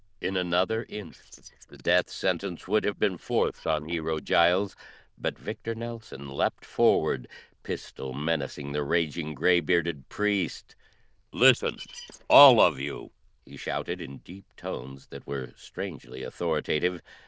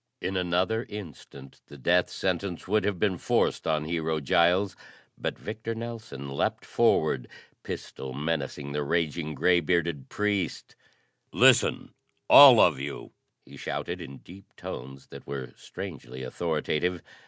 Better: second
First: noise reduction (neural diffusion model UNIVERSE++)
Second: none

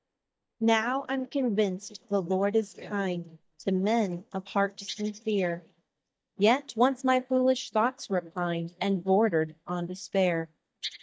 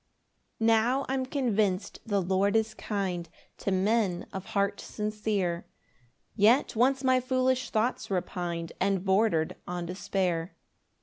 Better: second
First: noise reduction (neural mask model DeepFilterNet 3)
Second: none

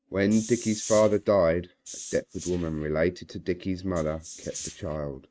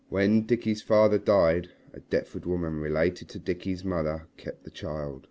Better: second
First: noise reduction (neural mask model RNNoise)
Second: none

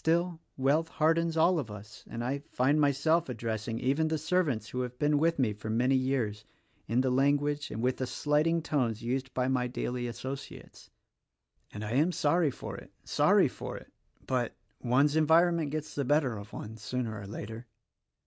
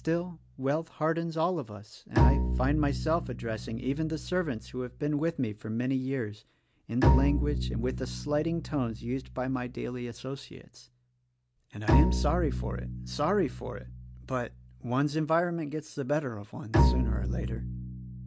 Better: first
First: none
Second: background sound (Bowed string instrument); as loud as the speech

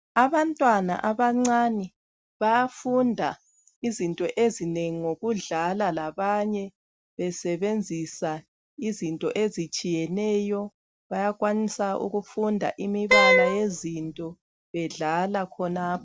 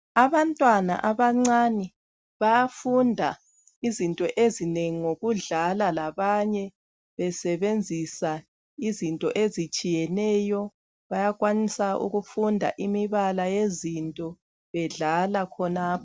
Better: second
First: background sound (Wind instrument, woodwind instrument); 5 dB above the speech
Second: none

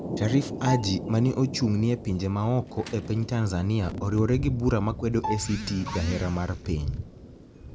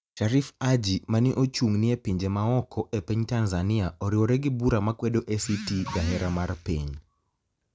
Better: second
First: background sound (Thunder + Bowed string instrument); 9 dB below the speech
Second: none

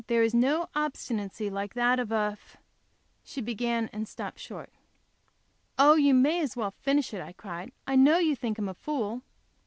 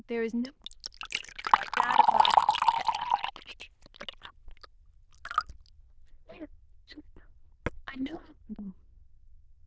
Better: first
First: none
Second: noise reduction (neural diffusion model UNIVERSE++)

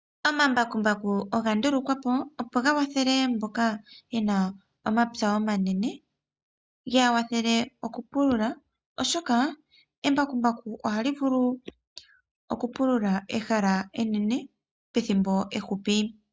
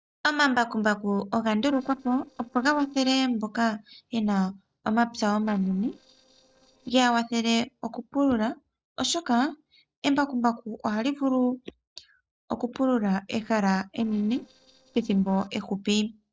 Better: first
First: none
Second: noise reduction (neural separator model SepFormer DNS4)

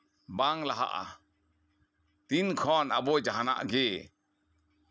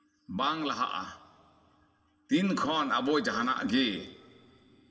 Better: first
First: none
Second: room echo; dies away in 3 s

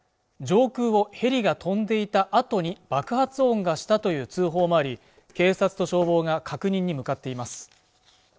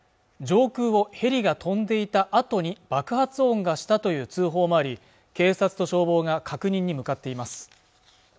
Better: second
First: noise reduction (neural separator model SepFormer DNS4)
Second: none

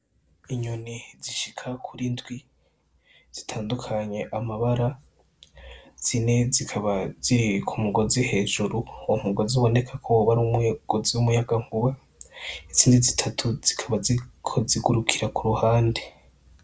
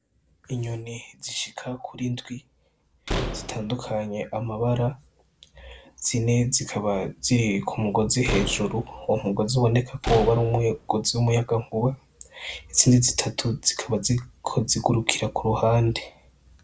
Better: first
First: none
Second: background sound (Slam); 8 dB below the speech

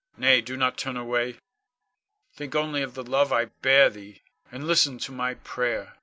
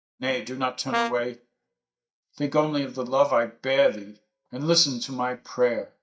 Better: first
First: none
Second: noise reduction (neural mask model DeepFilterNet 3)

